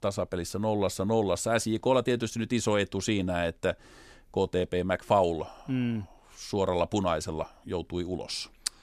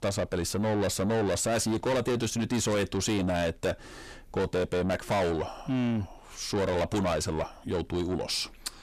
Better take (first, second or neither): first